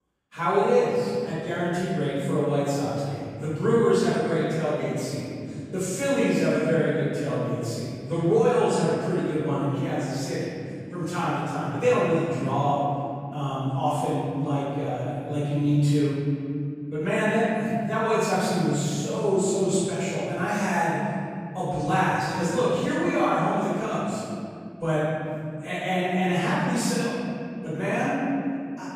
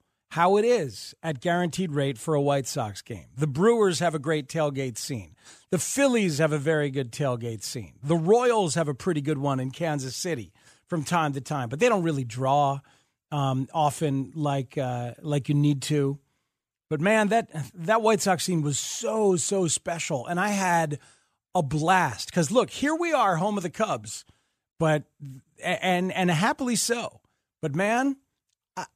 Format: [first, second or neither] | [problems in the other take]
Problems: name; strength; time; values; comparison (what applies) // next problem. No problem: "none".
second | off-mic speech; far // room echo; strong; dies away in 2.6 s